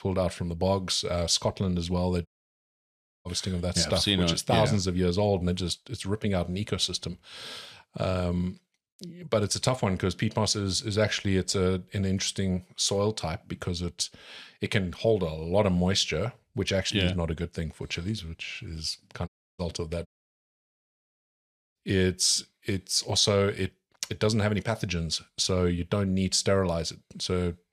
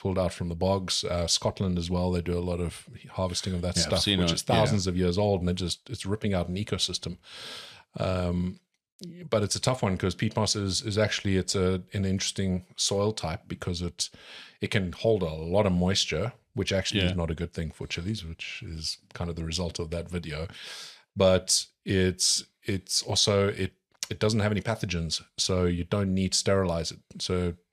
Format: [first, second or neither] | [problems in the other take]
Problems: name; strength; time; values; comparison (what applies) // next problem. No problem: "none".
second | audio cutting out; at 2.5 s for 1 s, at 19 s and at 20 s for 1.5 s